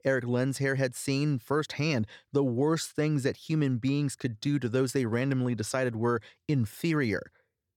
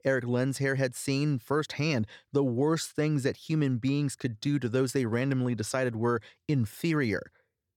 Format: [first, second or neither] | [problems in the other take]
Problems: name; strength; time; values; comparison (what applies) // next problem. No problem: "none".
neither | none